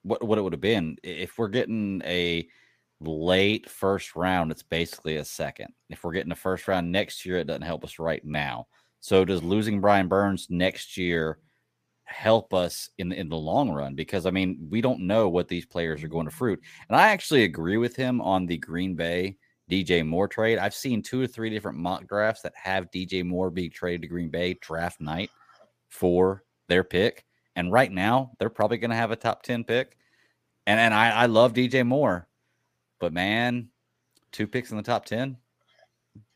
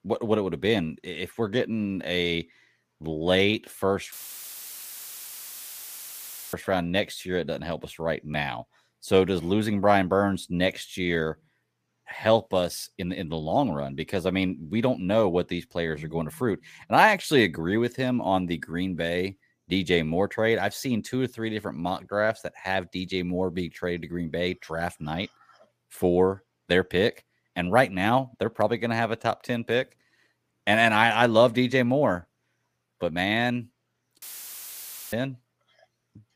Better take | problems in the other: first | audio cutting out; filled with static; at 4 s for 2.5 s and at 34 s for 1 s

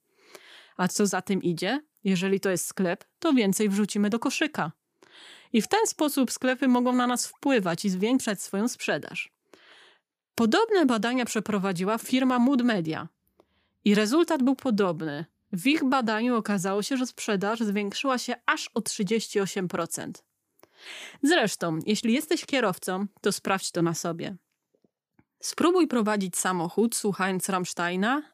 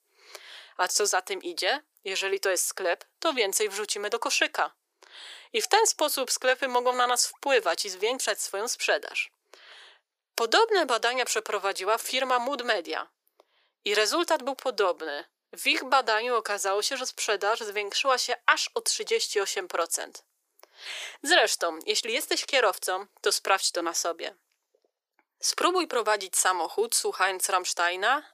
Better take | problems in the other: first | thin; very; fading below 450 Hz

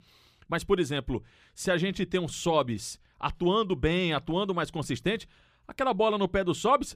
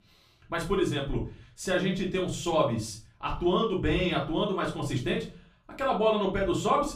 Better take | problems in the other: first | room echo; slight; dies away in 0.4 s // off-mic speech; far

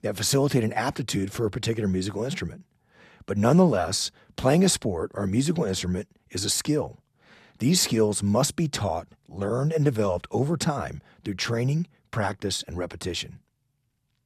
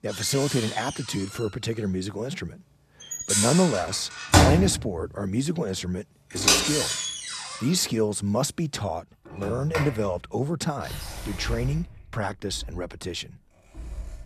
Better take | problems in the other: first | household noises; very loud; throughout; 2 dB above the speech

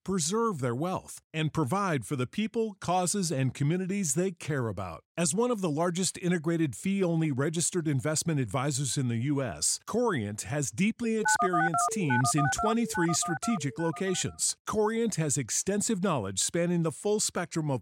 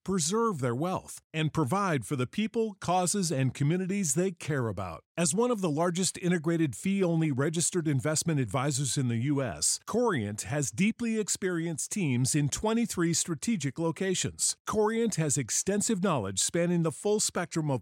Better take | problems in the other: second | phone ringing; loud; from 11 to 14 s; peak 3 dB above the speech

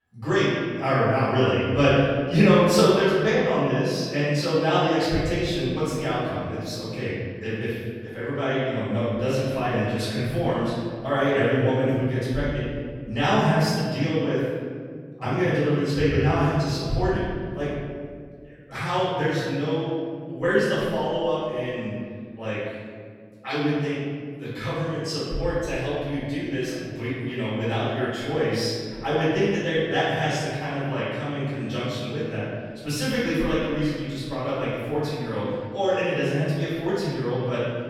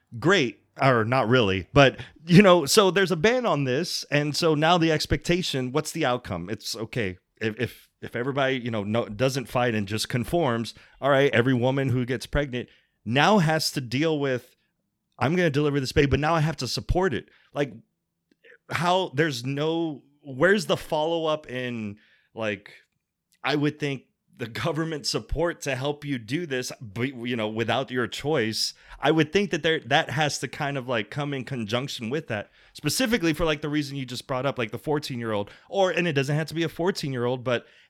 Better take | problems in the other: second | off-mic speech; far // room echo; strong; dies away in 2.1 s

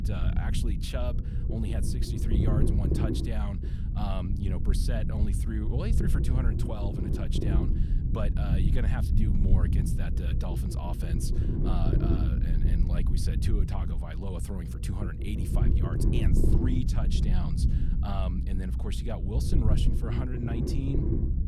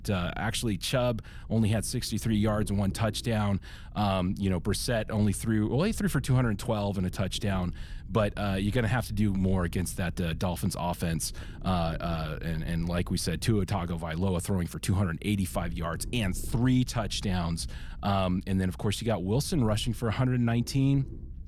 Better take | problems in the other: second | low rumble; loud; throughout; as loud as the speech; faint in the second

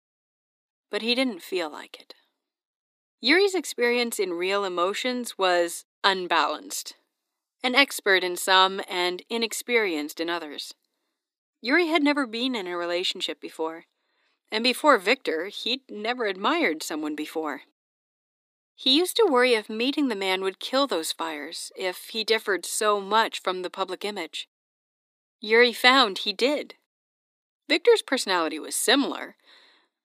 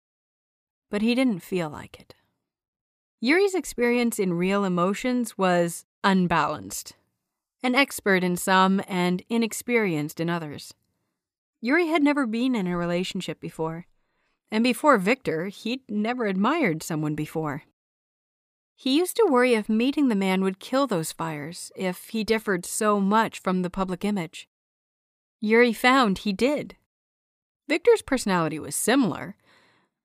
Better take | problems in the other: second | thin; very slightly; fading below 250 Hz

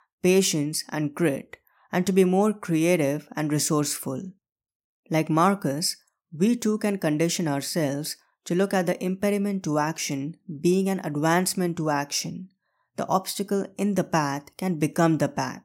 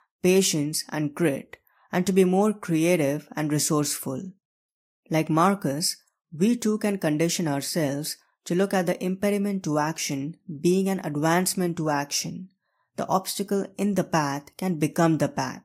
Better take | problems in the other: first | garbled, watery; slightly; nothing above 14.5 kHz

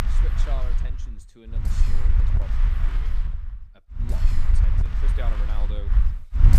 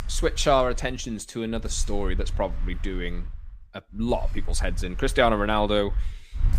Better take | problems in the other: second | wind noise on the microphone; heavy; 3 dB above the speech; occasional gusts in the second

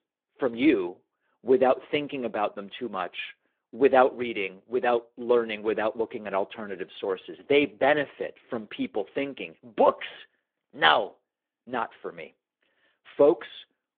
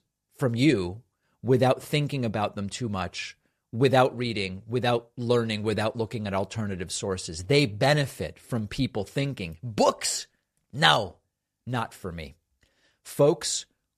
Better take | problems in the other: second | phone-call audio

